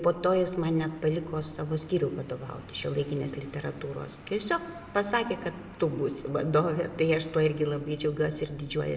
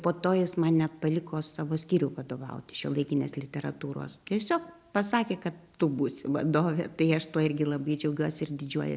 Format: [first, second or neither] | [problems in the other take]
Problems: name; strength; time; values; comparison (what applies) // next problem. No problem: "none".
second | background sound (Vehicle); 20 dB below the speech // room echo; dies away in 1.5 s